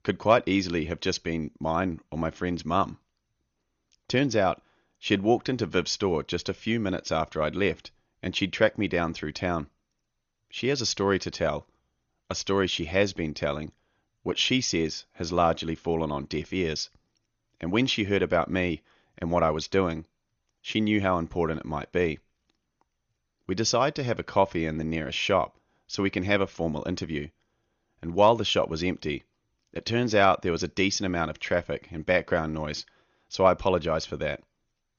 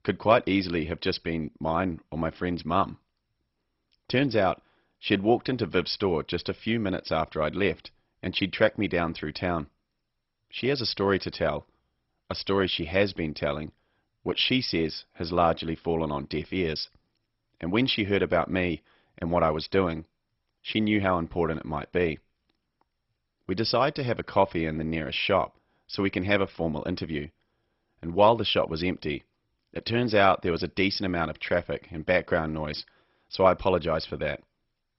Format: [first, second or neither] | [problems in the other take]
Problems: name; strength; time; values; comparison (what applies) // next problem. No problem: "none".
first | garbled, watery; badly; nothing above 5.5 kHz; slightly in the first